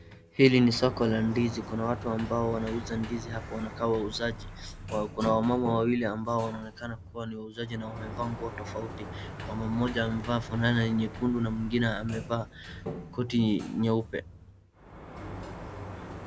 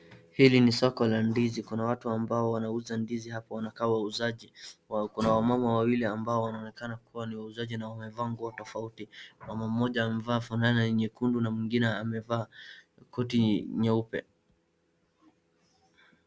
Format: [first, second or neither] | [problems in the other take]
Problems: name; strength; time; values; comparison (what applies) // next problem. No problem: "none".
second | background sound (Sliding door); 11 dB below the speech